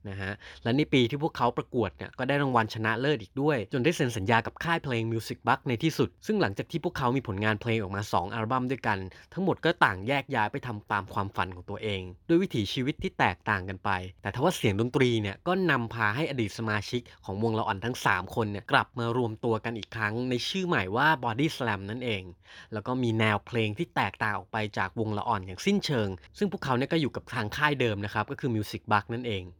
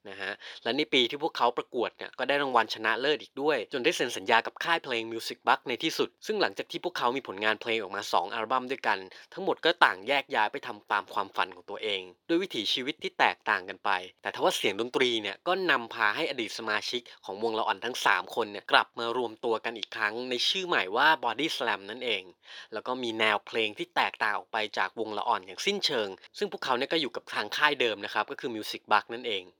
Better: first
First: none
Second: thin; somewhat; fading below 450 Hz

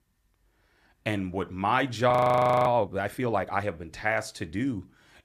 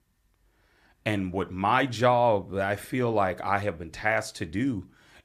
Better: second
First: audio freezing; at 2 s for 0.5 s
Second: none

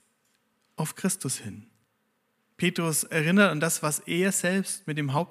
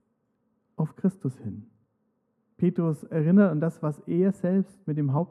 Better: first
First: none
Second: muffled; very; fading above 1 kHz

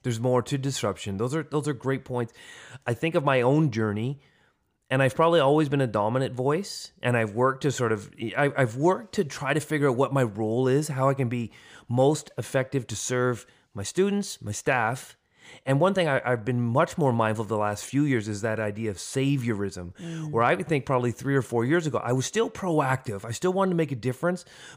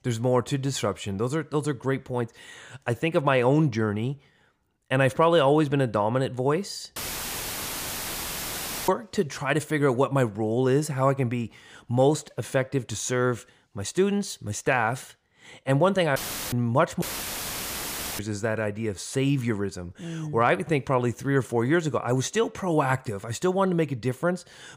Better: first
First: none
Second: audio cutting out; filled with static; at 7 s for 2 s, at 16 s and at 17 s for 1 s

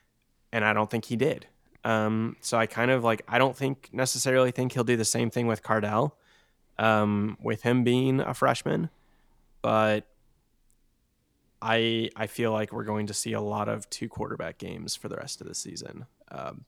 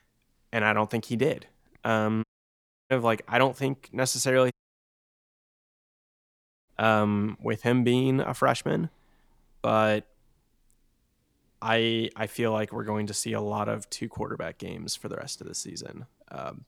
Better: first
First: none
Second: audio cutting out; at 2 s for 0.5 s and at 4.5 s for 2 s

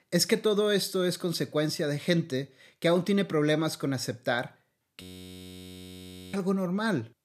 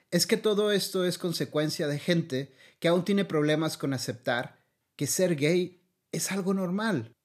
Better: second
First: audio freezing; at 5 s for 1.5 s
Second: none

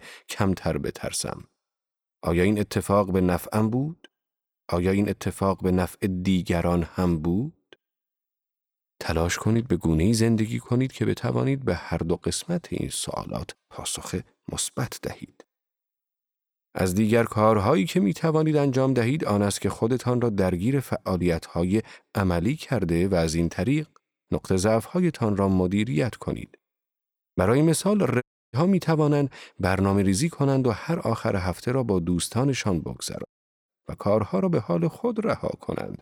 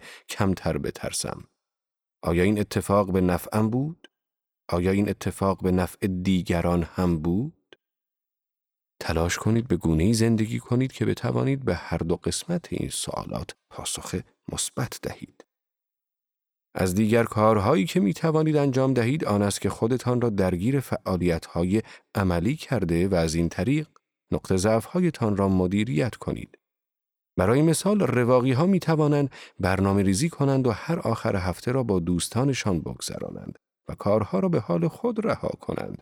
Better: second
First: audio cutting out; at 28 s and at 33 s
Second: none

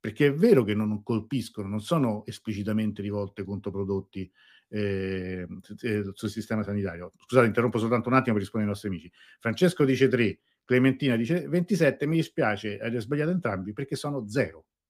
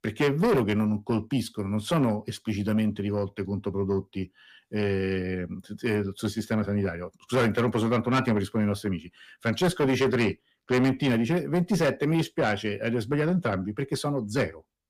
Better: first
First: none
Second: distortion; heavy; 8 dB below the speech

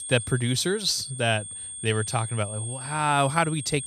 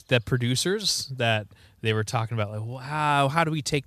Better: second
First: high-pitched whine; loud; throughout; 8.5 kHz, 9 dB below the speech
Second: none

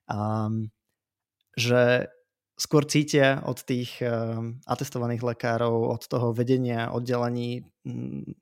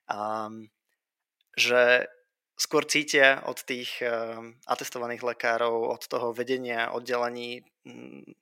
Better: first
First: none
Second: thin; somewhat; fading below 450 Hz

